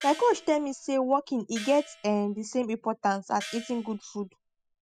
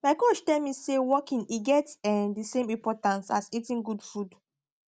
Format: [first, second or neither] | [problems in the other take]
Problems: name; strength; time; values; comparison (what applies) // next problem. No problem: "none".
second | noise reduction (classical method spectral subtraction)